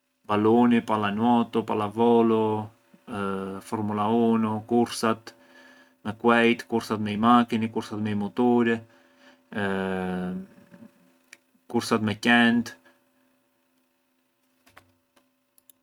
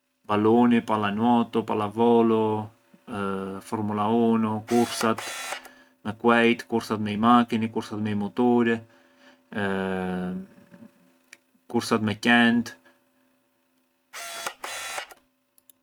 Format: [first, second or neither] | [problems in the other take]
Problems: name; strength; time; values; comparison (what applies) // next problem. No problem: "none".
first | background sound (Camera); 11 dB below the speech